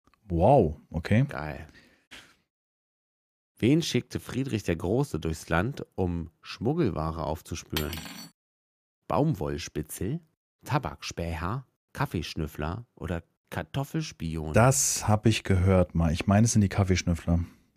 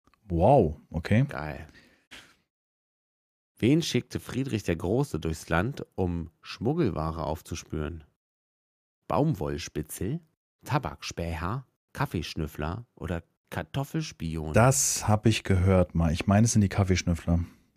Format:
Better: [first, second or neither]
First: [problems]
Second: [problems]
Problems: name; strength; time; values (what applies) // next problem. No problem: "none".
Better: second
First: clattering dishes; noticeable; at 8 s; peak 7 dB below the speech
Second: none